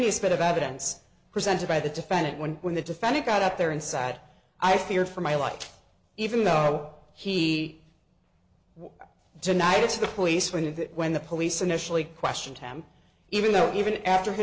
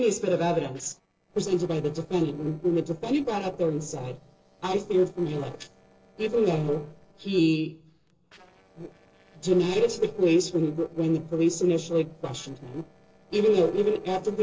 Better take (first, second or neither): first